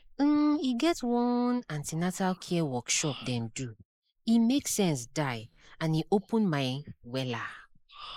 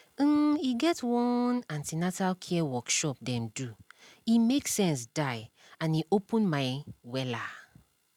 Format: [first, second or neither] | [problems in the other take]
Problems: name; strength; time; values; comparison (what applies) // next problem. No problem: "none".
second | noise reduction (neural mask model Resemble Enhance denoiser)